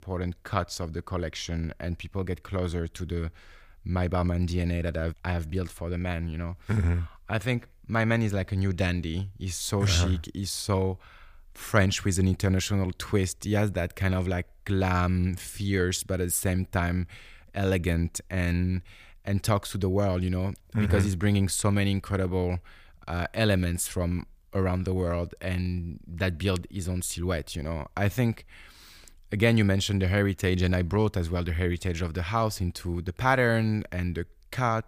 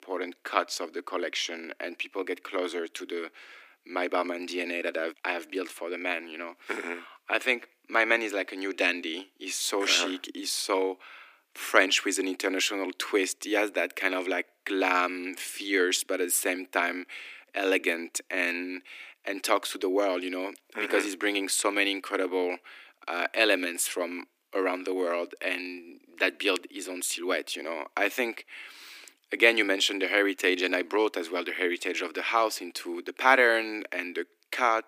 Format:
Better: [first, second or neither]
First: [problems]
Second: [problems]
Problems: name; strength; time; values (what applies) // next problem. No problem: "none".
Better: first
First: none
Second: thin; very; fading below 250 Hz